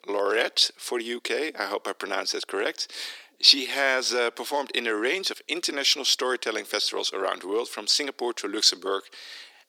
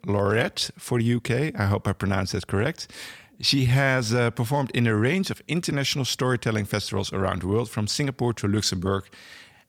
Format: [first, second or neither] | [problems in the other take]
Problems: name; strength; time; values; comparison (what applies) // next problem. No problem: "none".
second | thin; very; fading below 300 Hz